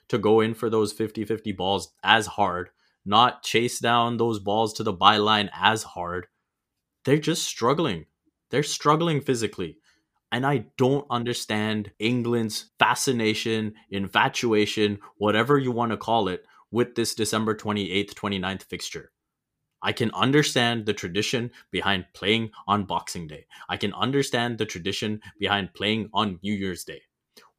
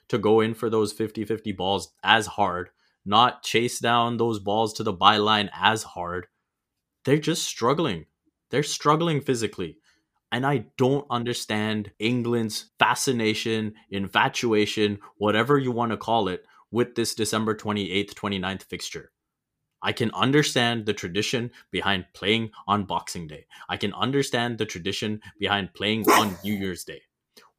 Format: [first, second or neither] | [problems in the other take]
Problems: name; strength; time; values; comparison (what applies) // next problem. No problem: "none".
first | dog barking; loud; at 26 s; peak 4 dB above the speech